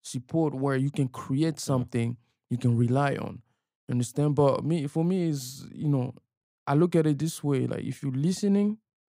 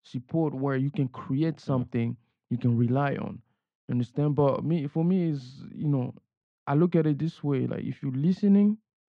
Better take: first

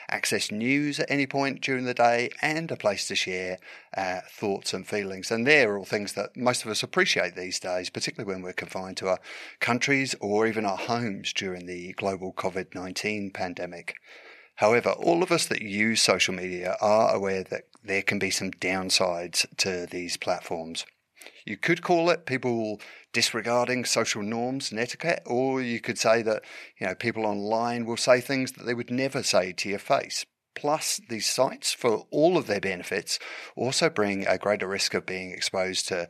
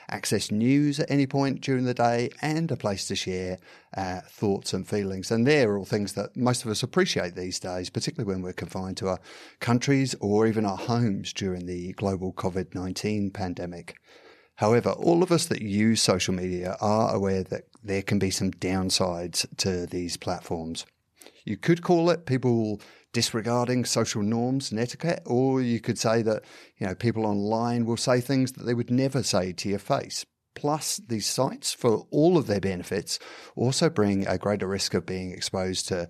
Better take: second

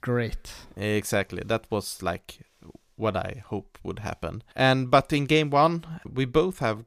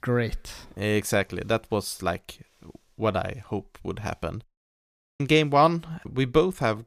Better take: first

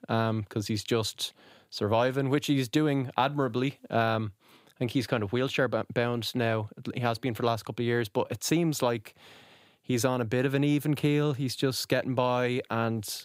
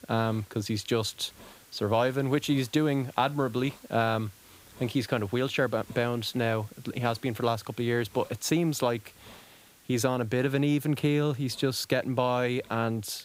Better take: first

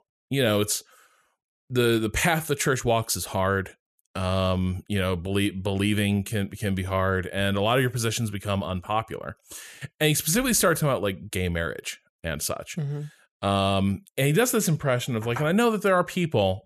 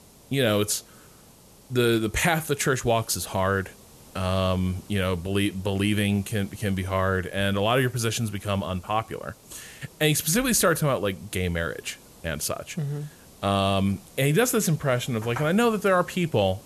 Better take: first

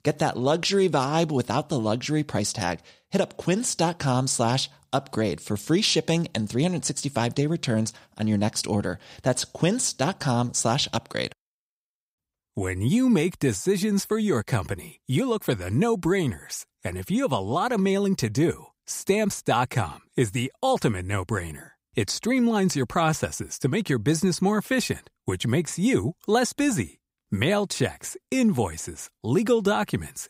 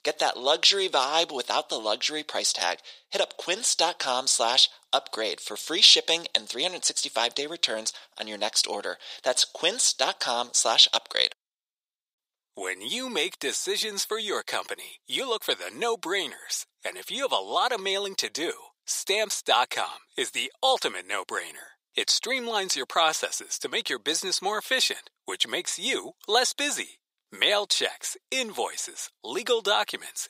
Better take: first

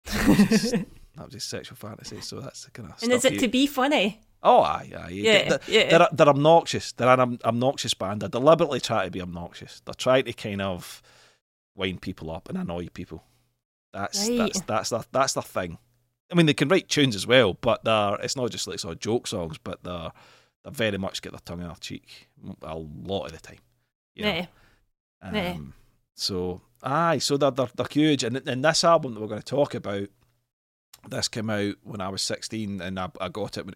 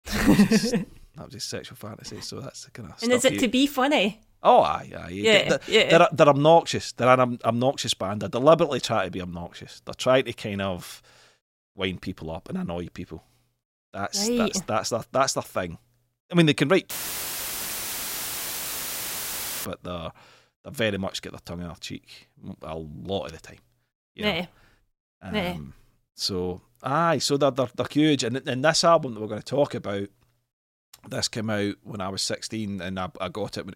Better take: first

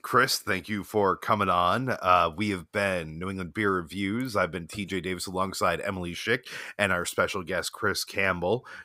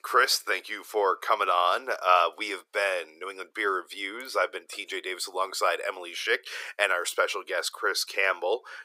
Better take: first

